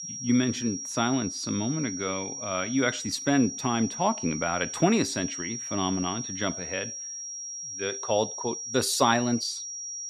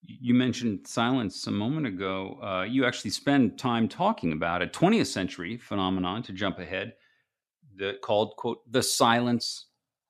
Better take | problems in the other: second | high-pitched whine; loud; throughout; 5.5 kHz, 6 dB below the speech

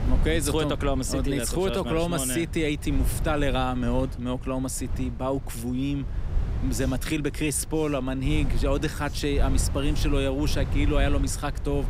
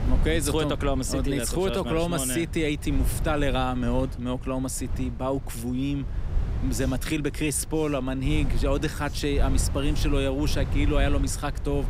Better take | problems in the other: neither | wind noise on the microphone; occasional gusts; 15 dB below the speech; the same in both

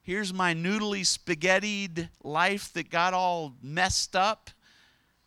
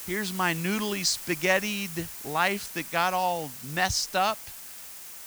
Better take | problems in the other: first | hiss; noticeable; throughout; 10 dB below the speech

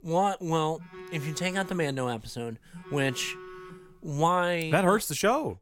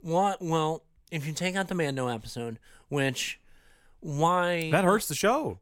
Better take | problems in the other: second | phone ringing; faint; from 1 to 4 s; peak 15 dB below the speech

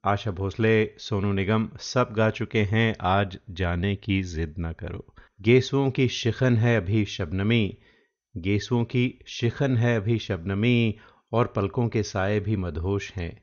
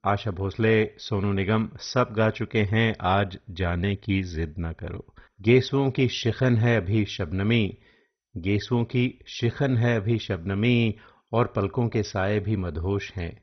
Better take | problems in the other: first | garbled, watery; badly; nothing above 6 kHz; slightly in the first

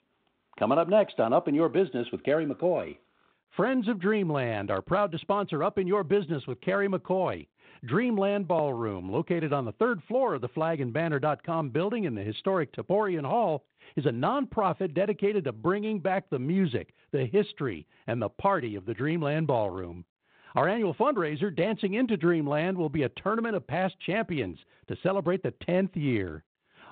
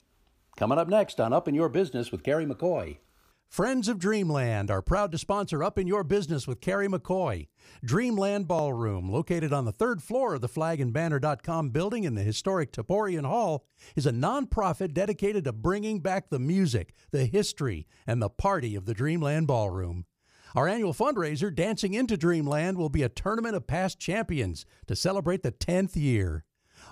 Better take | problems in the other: second | phone-call audio; nothing above 4 kHz

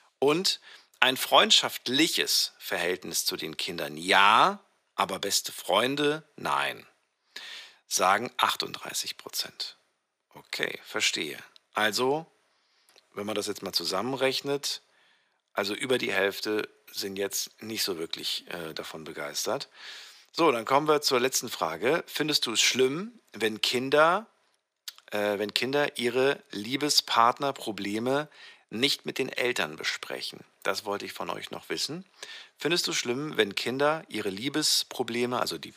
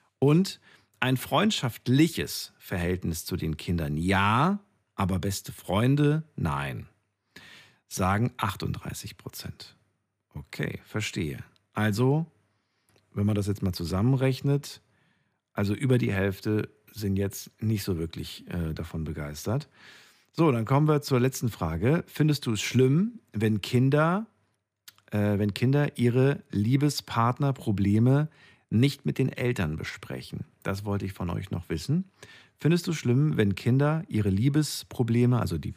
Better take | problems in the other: second | thin; very; fading below 550 Hz

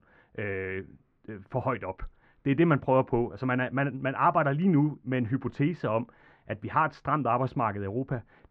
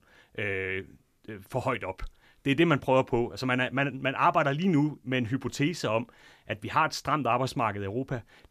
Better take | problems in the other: second | muffled; very; fading above 1.5 kHz

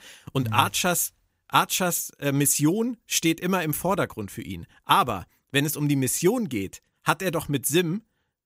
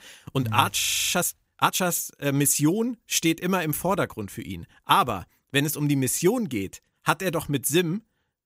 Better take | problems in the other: first | audio freezing; at 1 s

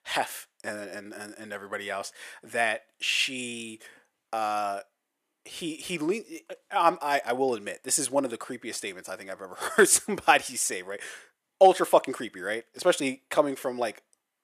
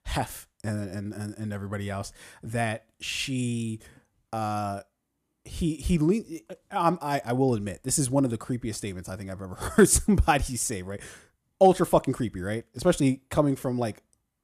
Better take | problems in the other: second | thin; somewhat; fading below 500 Hz

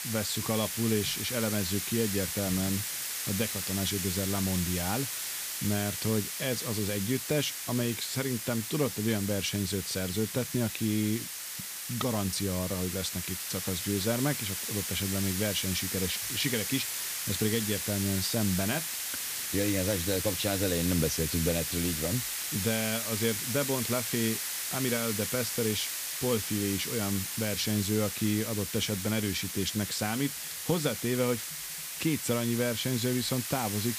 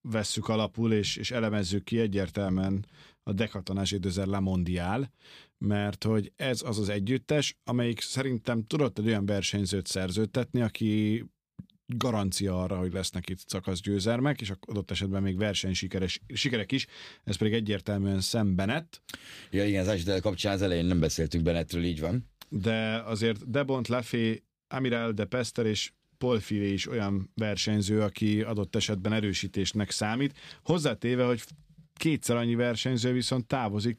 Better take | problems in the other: second | hiss; loud; throughout; 1 dB below the speech

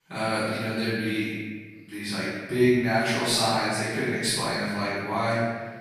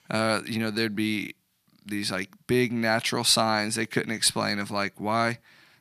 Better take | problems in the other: second | off-mic speech; far // room echo; strong; dies away in 1.4 s

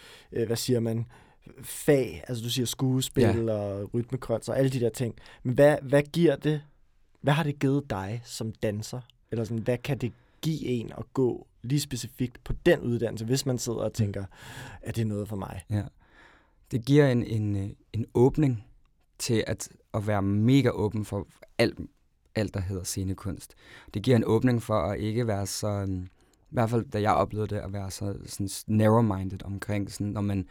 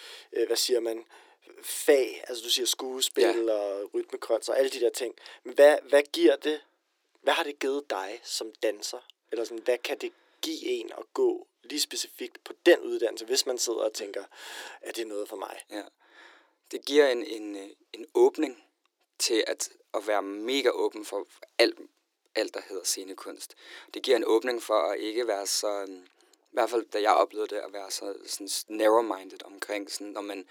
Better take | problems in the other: first | thin; very; fading below 350 Hz

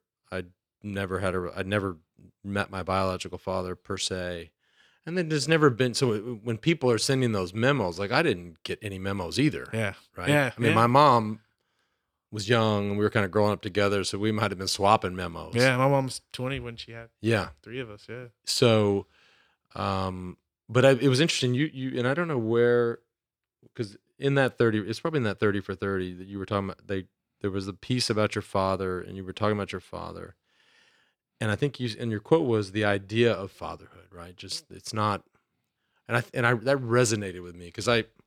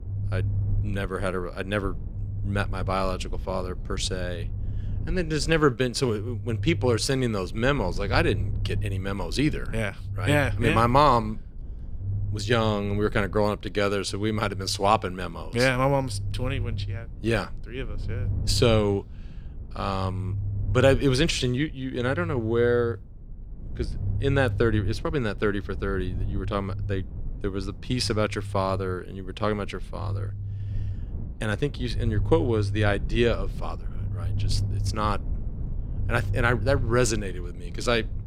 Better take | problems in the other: first | low rumble; faint; throughout; 20 dB below the speech

